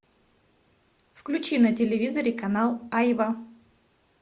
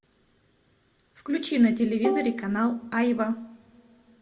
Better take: first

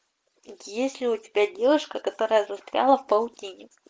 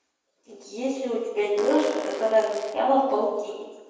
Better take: first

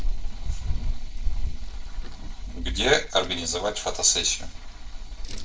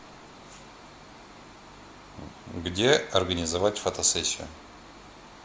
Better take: second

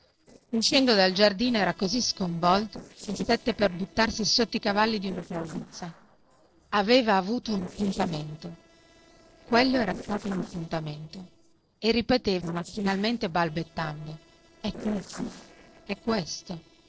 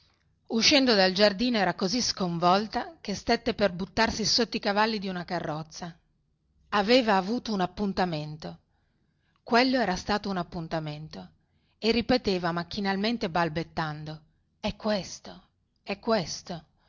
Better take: second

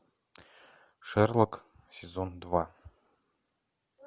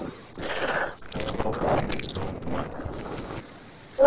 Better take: first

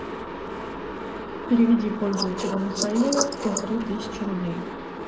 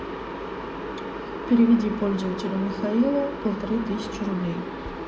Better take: second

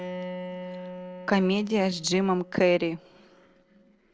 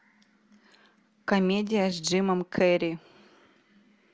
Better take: second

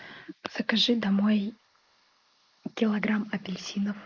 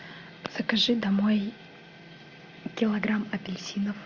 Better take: second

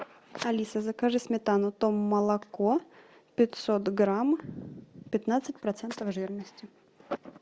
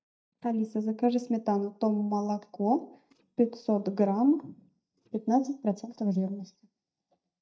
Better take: first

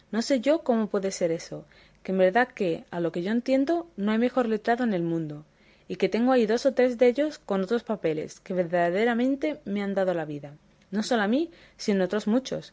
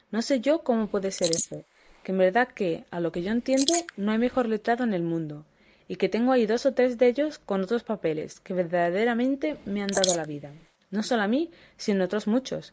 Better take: first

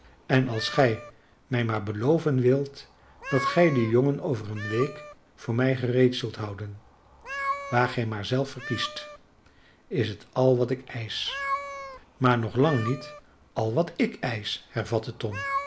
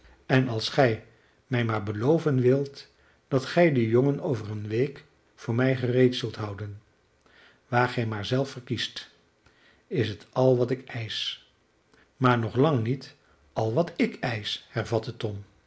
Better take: second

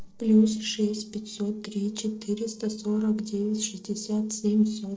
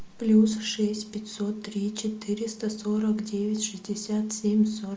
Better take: second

